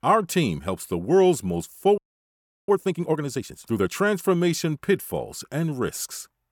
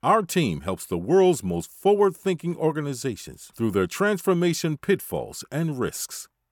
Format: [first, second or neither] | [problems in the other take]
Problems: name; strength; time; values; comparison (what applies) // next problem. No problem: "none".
second | audio freezing; at 2 s for 0.5 s